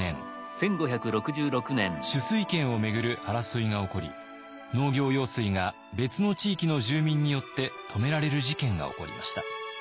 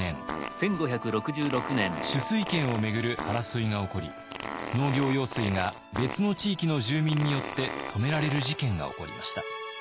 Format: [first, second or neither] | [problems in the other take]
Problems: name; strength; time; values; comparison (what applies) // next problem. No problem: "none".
first | background sound (Fart); 9 dB below the speech